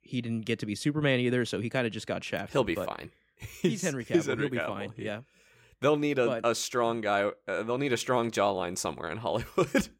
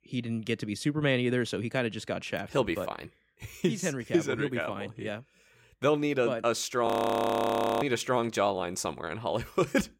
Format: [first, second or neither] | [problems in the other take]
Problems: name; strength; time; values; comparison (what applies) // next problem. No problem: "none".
first | audio freezing; at 7 s for 1 s